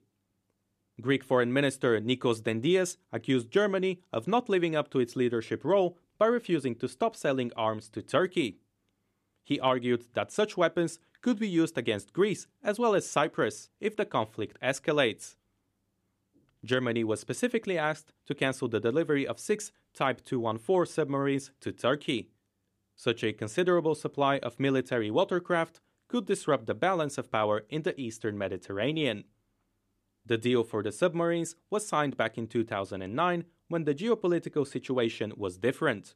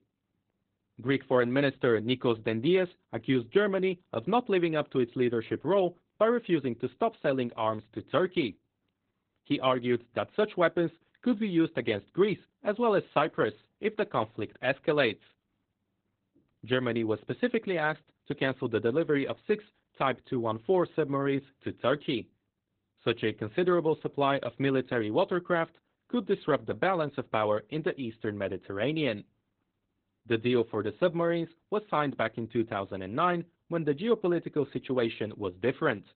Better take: first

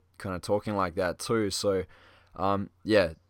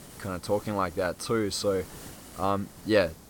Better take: first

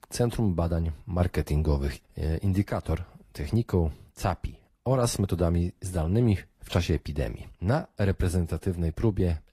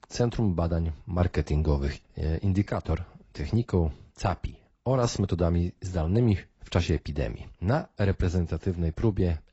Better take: first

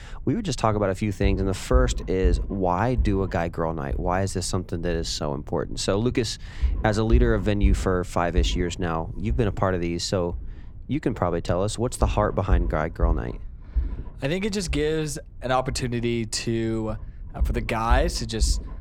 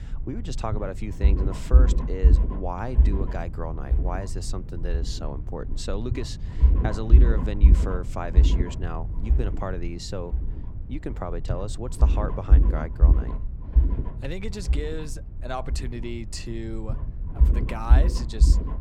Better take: first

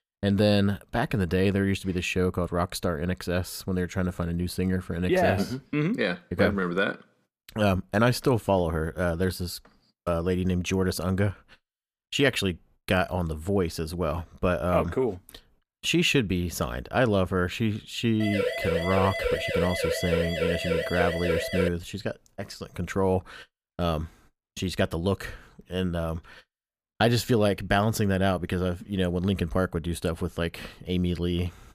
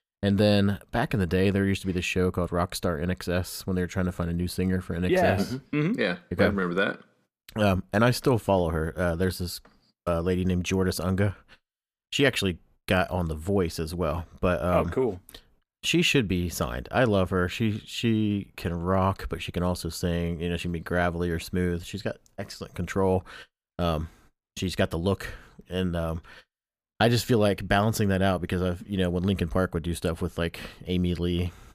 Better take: second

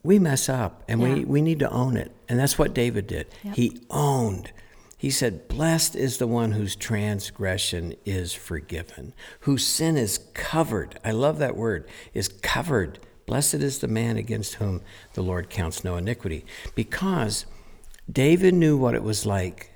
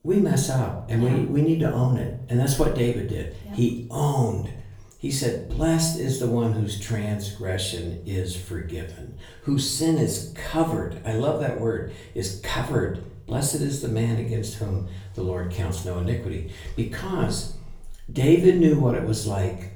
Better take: first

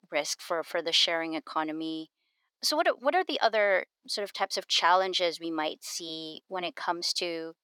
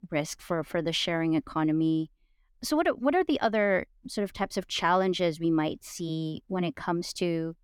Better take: second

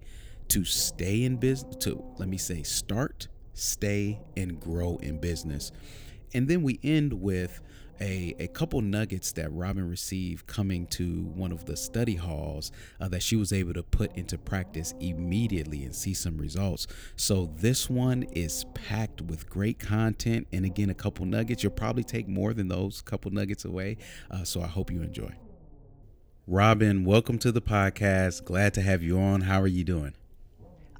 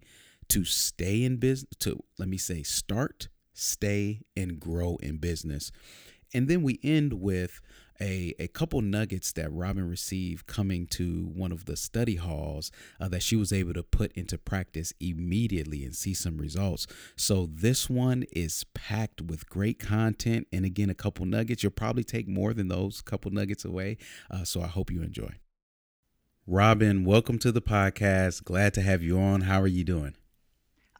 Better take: second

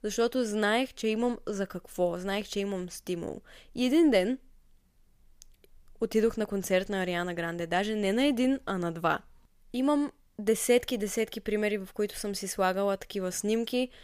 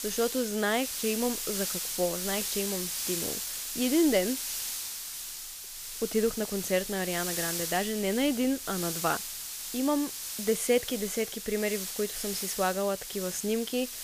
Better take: first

